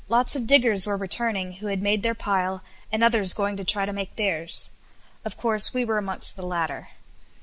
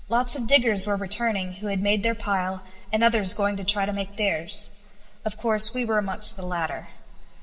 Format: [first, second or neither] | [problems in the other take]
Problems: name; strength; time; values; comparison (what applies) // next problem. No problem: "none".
first | room echo; dies away in 1.6 s